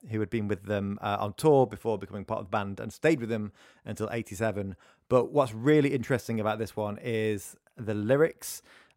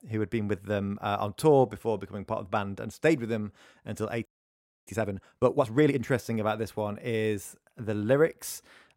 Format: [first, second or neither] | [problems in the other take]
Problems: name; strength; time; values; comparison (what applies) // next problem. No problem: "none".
first | audio freezing; at 4.5 s for 0.5 s